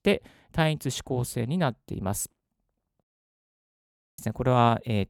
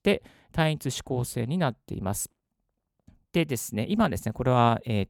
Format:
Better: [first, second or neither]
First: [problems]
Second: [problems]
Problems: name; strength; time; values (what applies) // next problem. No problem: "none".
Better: second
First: audio cutting out; at 3 s for 1 s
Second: none